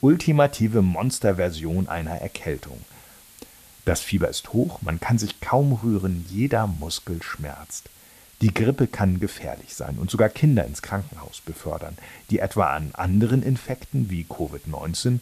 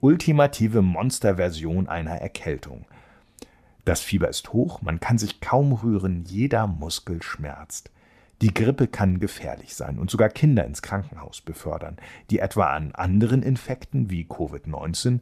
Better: second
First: hiss; faint; throughout; 25 dB below the speech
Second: none

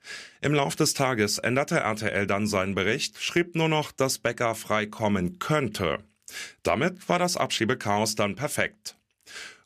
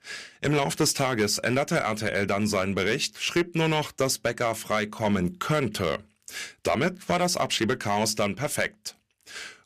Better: first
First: none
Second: distortion; slight; 3% of the sound clipped

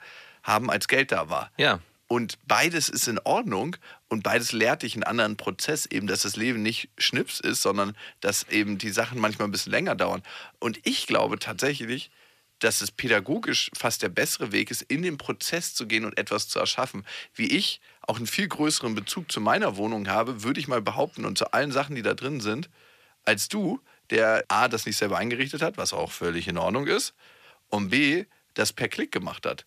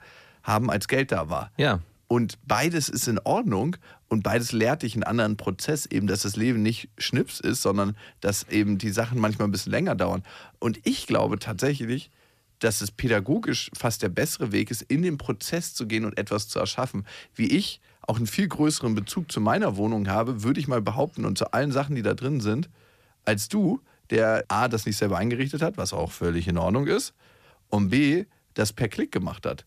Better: second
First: thin; very slightly; fading below 400 Hz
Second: none

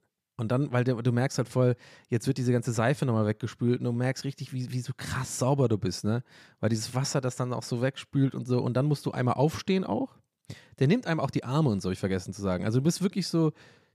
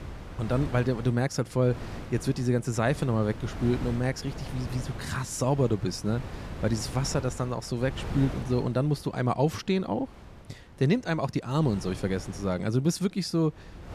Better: first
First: none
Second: wind noise on the microphone; occasional gusts; 15 dB below the speech

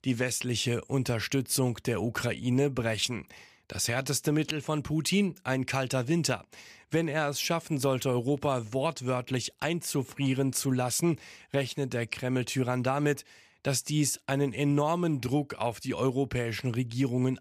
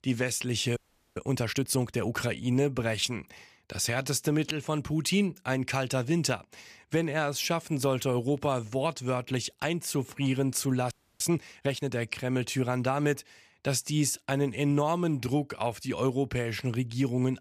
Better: first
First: none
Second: audio freezing; at 1 s and at 11 s

